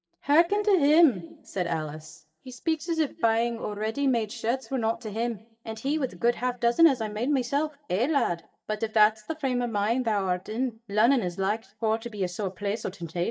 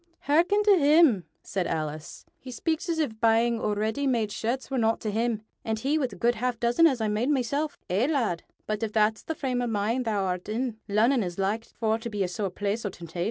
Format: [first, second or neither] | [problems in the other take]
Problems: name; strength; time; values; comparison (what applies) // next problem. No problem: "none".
second | noise reduction (neural mask model DeepFilterNet 3)